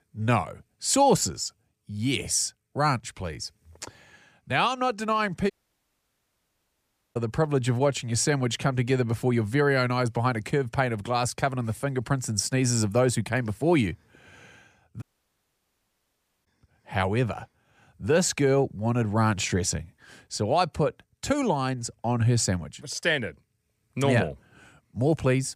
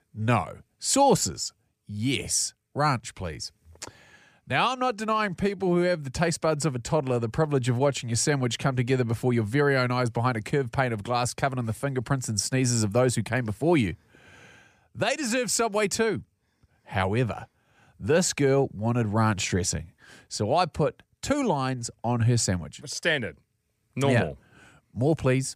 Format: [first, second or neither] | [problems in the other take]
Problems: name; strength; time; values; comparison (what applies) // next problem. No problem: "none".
second | audio cutting out; at 5.5 s for 1.5 s and at 15 s for 1.5 s